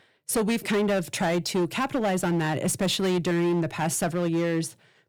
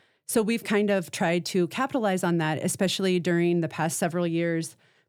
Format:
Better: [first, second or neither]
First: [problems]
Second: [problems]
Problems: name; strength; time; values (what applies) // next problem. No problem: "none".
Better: second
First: distortion; slight; 15% of the sound clipped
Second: none